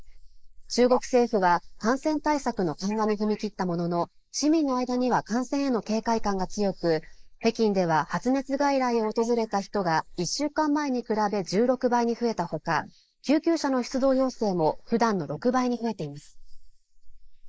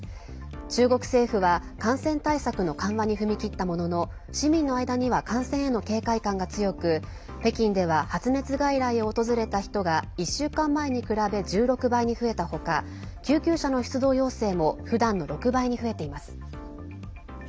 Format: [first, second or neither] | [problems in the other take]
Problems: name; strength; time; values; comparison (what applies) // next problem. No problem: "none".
second | noise reduction (neural mask model Resemble Enhance denoiser)